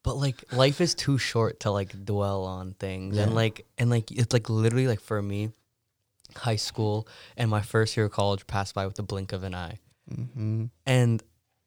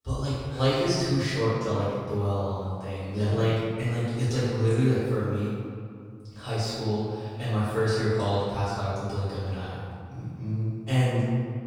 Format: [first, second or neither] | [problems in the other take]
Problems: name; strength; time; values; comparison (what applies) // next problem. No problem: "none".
first | off-mic speech; far // room echo; strong; dies away in 2.1 s